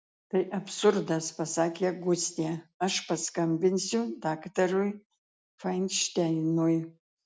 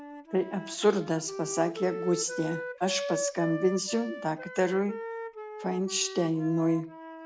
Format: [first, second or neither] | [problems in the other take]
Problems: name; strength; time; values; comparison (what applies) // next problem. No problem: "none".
first | background sound (Wind instrument, woodwind instrument); 9 dB below the speech